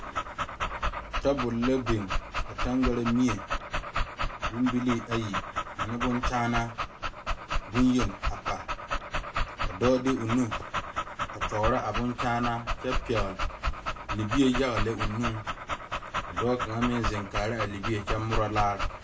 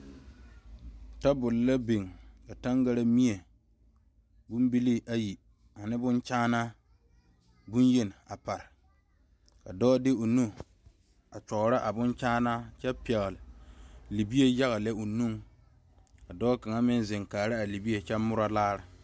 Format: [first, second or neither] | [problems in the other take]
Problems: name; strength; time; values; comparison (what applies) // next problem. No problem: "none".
second | background sound (Dog); 2 dB below the speech // room echo; dies away in 0.2 s